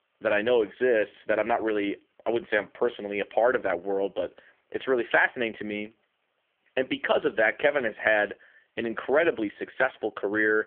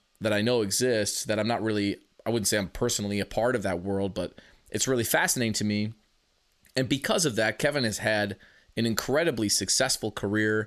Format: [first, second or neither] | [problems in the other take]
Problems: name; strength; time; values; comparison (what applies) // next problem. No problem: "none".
second | phone-call audio; poor line; nothing above 3 kHz